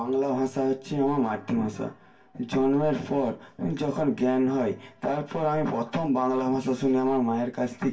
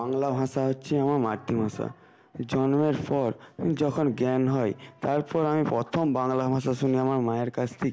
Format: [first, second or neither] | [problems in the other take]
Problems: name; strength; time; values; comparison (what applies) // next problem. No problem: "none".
second | room echo; dies away in 0.2 s